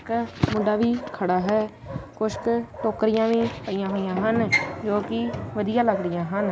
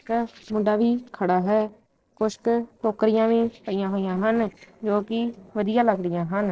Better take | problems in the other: first | noise reduction (neural separator model SepFormer DNS4)

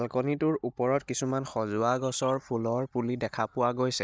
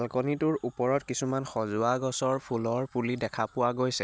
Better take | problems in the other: second | noise reduction (neural mask model DeepFilterNet 3)

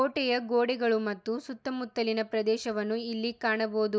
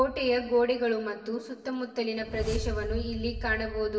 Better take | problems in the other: first | background sound (Whoosh, swoosh, swish); 9 dB below the speech // room echo; dies away in 2.6 s

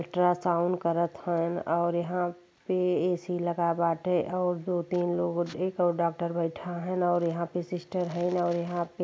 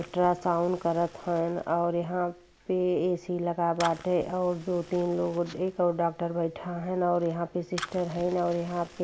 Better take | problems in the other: first | background sound (Fire); 19 dB below the speech

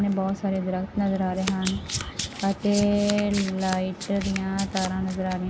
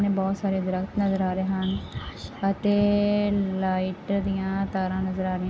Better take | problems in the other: second | background sound (Domestic sounds, home sounds); 12 dB below the speech

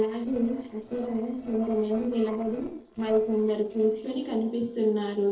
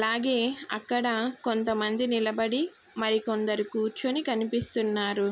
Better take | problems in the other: second | noise reduction (neural separator model SepFormer DNS4)

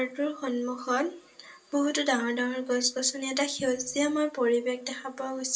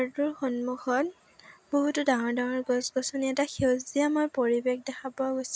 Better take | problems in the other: second | room echo; dies away in 0.2 s

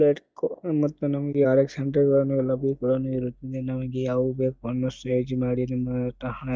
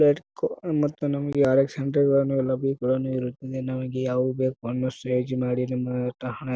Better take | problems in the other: second | noise reduction (neural mask model DeepFilterNet 3)

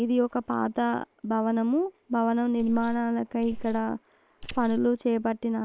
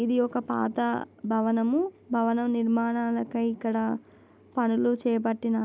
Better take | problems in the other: second | noise reduction (neural separator model SepFormer WHAM!)

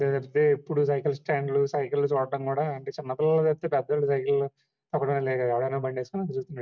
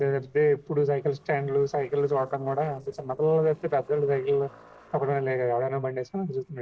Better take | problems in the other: first | noise reduction (neural separator model SepFormer DNS4)

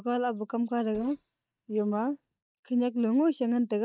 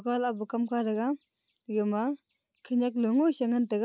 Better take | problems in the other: second | noise reduction (neural mask model DeepFilterNet 3)

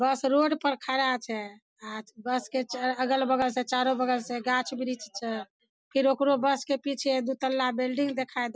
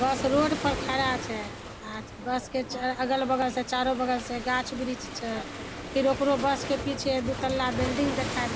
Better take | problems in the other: first | background sound (Waves, surf); 7 dB below the speech

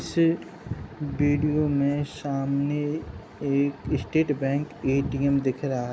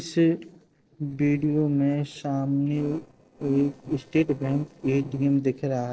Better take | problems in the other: first | noise reduction (neural separator model SepFormer DNS4)

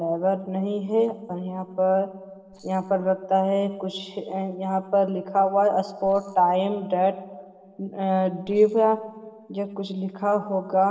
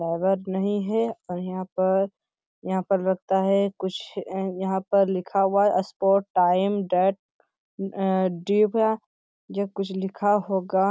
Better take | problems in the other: second | noise reduction (neural separator model SepFormer DNS4)

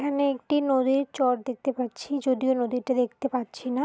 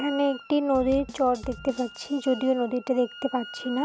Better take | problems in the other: first | background sound (Bass drum / Snare drum + Wind instrument, woodwind instrument); 16 dB below the speech

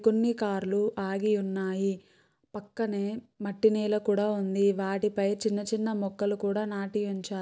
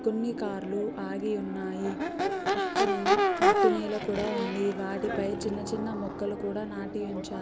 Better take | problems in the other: first | background sound (Crowd / Race car, auto racing / Accelerating, revving, vroom); 3 dB above the speech

